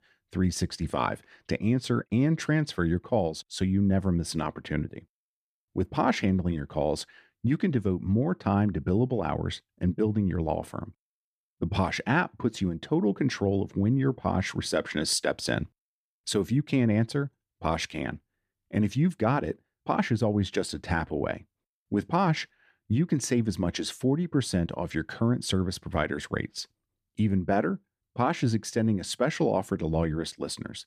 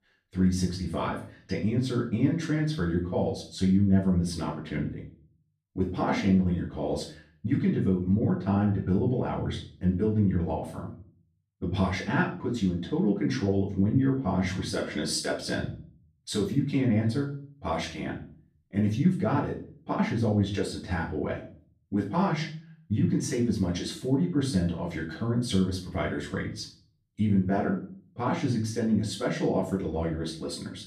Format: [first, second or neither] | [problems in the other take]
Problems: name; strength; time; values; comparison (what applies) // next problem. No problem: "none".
first | off-mic speech; far // room echo; slight; dies away in 0.4 s